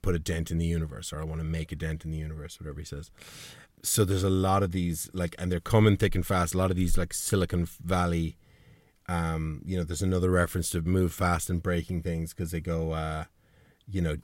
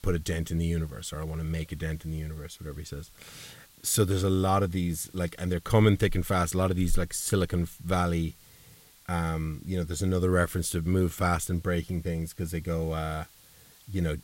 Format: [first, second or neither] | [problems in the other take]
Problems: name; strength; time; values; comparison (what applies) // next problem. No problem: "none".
first | hiss; faint; throughout; 25 dB below the speech